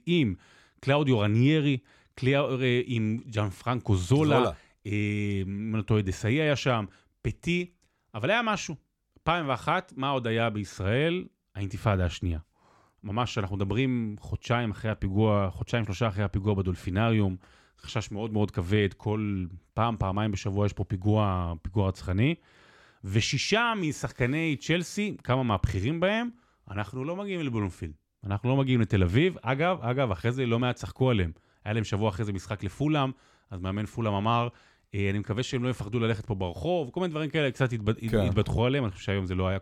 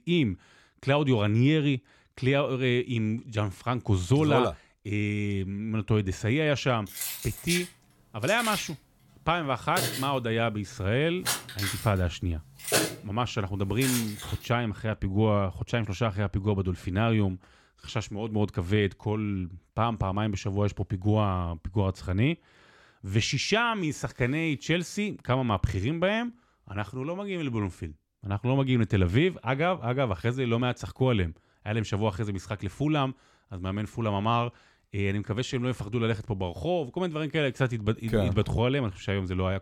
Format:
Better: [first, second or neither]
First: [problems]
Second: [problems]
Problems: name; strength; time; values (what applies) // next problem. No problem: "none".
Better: first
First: none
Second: jangling keys; loud; from 7 to 14 s; peak 2 dB above the speech